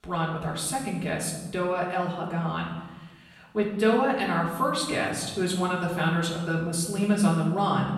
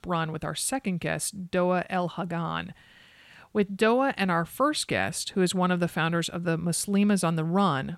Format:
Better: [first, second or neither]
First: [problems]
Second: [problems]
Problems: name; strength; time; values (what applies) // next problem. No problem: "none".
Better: second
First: off-mic speech; far // room echo; noticeable; dies away in 1 s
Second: none